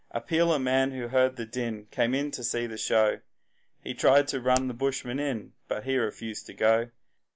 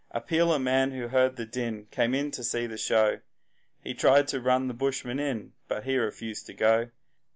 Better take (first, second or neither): second